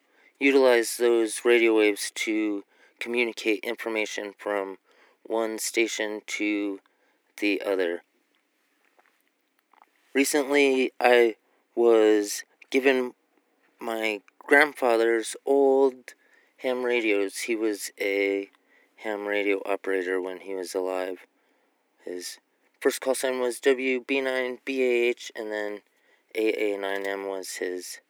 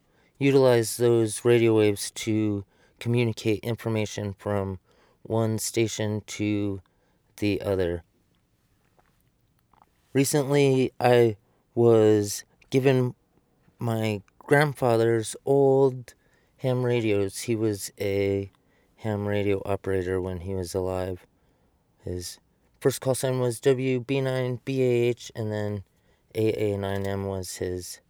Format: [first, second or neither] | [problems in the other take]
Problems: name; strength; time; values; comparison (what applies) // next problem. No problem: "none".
second | thin; somewhat; fading below 250 Hz